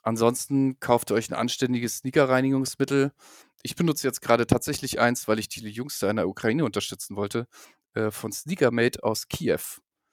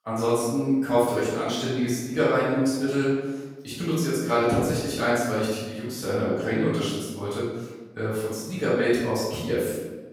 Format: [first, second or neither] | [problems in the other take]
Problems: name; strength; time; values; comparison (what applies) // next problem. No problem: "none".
first | off-mic speech; far // room echo; strong; dies away in 1.1 s